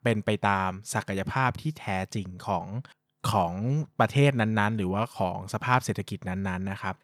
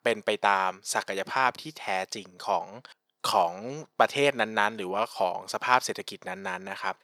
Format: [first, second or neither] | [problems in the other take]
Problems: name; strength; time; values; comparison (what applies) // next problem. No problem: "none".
first | thin; very; fading below 450 Hz